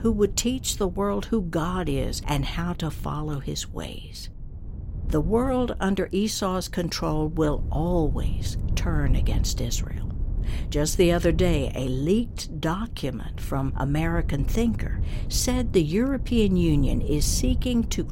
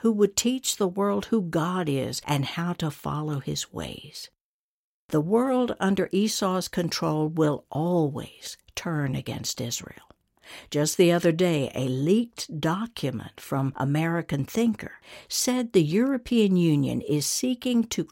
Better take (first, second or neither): second